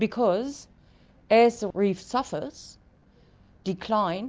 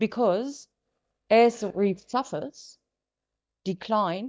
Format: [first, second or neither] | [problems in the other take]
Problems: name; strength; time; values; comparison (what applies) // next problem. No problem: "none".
first | noise reduction (neural mask model DeepFilterNet 3)